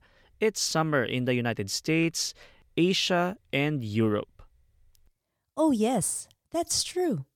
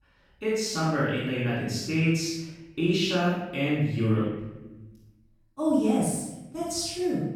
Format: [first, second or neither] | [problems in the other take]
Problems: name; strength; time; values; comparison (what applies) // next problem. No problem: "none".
first | off-mic speech; far // room echo; strong; dies away in 0.9 s